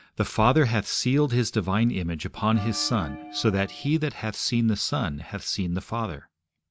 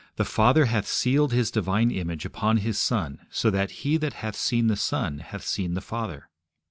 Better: second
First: background sound (Bell); 15 dB below the speech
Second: none

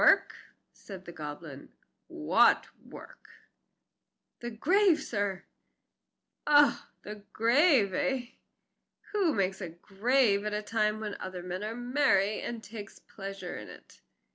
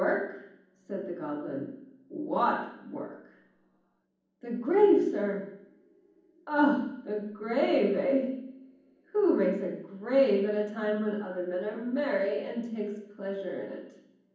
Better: first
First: none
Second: room echo; dies away in 1.2 s

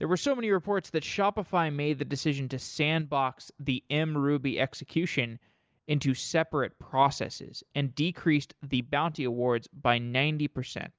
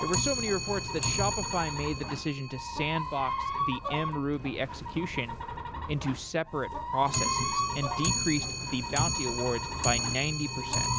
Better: first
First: none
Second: background sound (Clock + Chicken, rooster); as loud as the speech

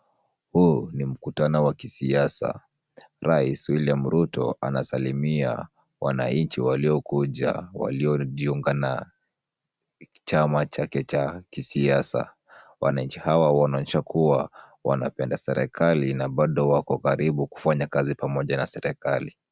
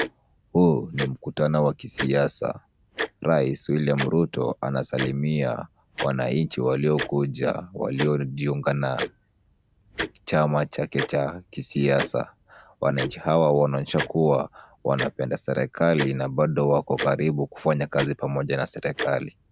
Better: first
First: none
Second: background sound (Tick-tock); 12 dB below the speech

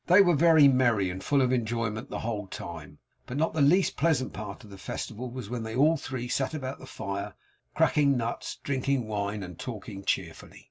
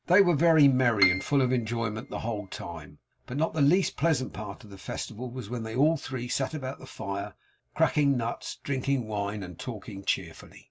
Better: first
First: none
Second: background sound (Piano); 6 dB below the speech

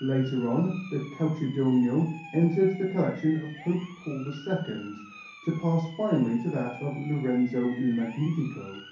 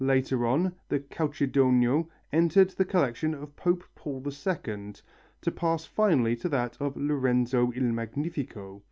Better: second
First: background sound (Siren); 20 dB below the speech // room echo; dies away in 0.6 s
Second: none

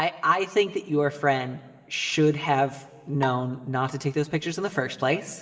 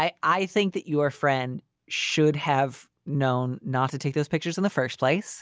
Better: second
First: background sound (Bowed string instrument); 14 dB below the speech // room echo; dies away in 2.3 s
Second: none

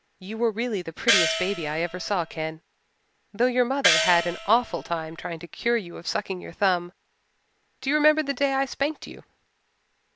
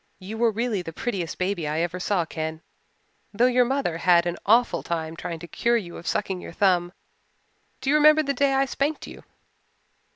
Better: second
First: background sound (Gong); 1 dB below the speech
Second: none

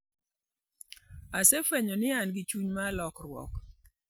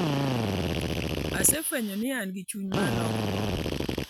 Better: first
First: none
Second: background sound (Drill); 3 dB above the speech

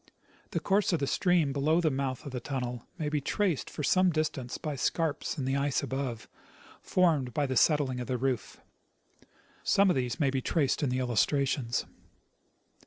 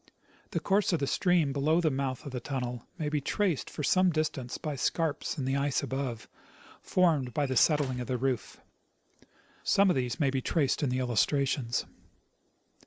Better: first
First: none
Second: background sound (Squeak / Slam / Wood); 19 dB below the speech

